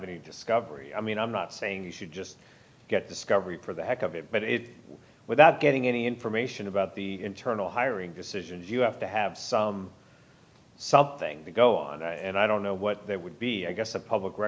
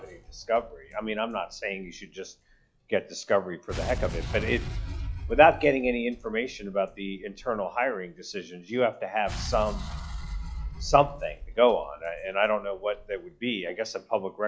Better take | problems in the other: first | noise reduction (classical method log-MMSE)

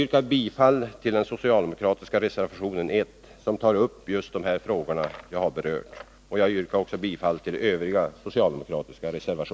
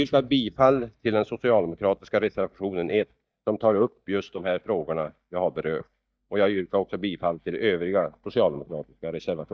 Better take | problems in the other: first | noise reduction (neural mask model DeepFilterNet 3)

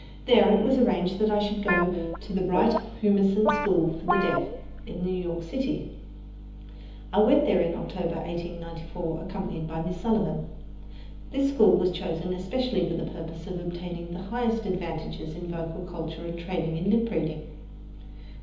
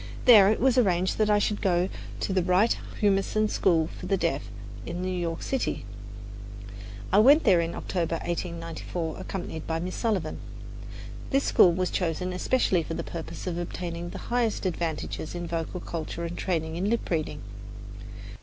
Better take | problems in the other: second | background sound (Guitar); 4 dB below the speech // room echo; dies away in 1.3 s

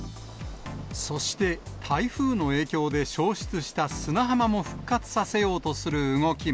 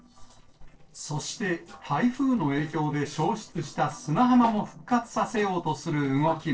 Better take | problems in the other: first | noise reduction (neural separator model SepFormer DNS4)

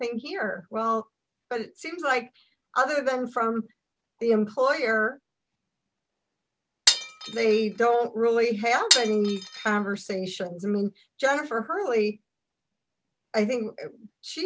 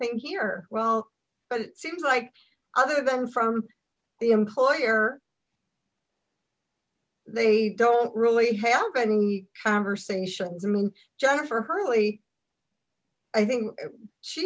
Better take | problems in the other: second | background sound (Glass); as loud as the speech

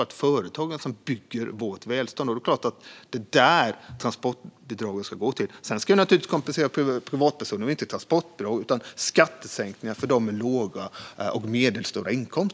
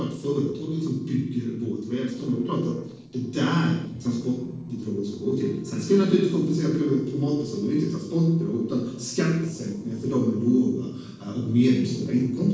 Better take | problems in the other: first | noise reduction (neural separator model SepFormer DNS4)

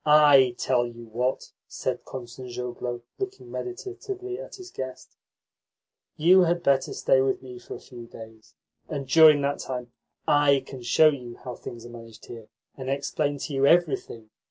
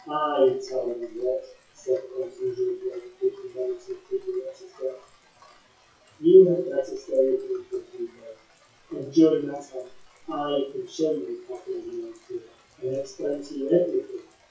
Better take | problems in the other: first | noise reduction (classical method WPE with log-MMSE)

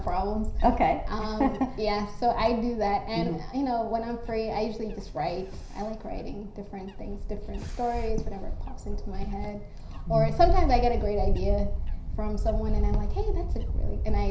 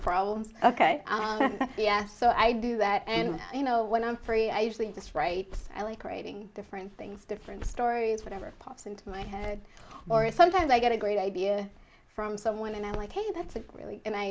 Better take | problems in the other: second | background sound (Wind / Bird); as loud as the speech // room echo; dies away in 0.5 s

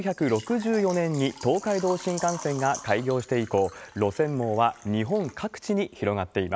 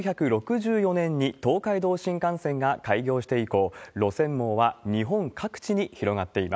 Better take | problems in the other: second | background sound (Water / Liquid); 18 dB below the speech

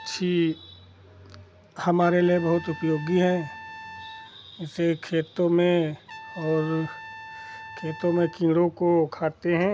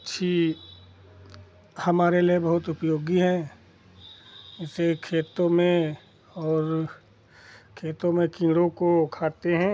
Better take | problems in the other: second | background sound (Trumpet); 18 dB below the speech

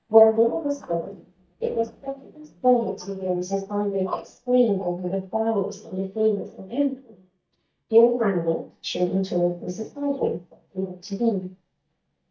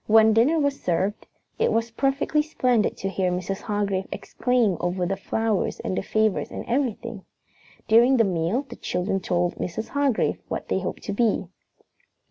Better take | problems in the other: second | noise reduction (neural mask model DeepFilterNet 3)

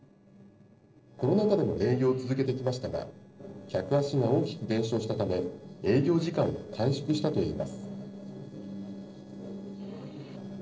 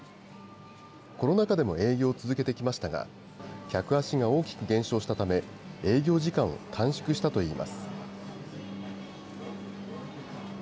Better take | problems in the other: second | noise reduction (neural separator model SepFormer DNS4)

